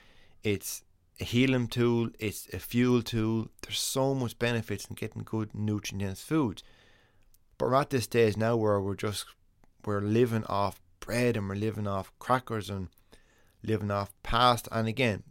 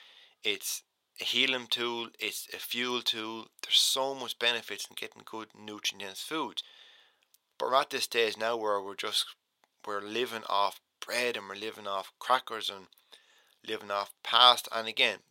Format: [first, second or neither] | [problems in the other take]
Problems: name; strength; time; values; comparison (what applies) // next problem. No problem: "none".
first | thin; very; fading below 600 Hz